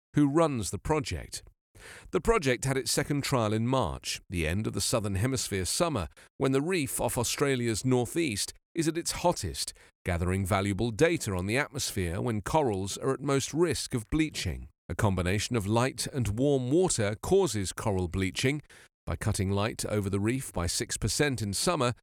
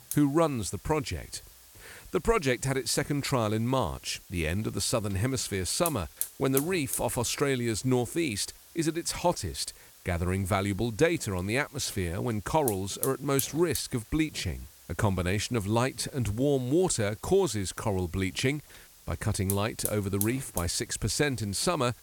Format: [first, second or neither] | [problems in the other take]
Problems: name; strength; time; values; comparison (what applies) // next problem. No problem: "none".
first | hiss; noticeable; throughout; 10 dB below the speech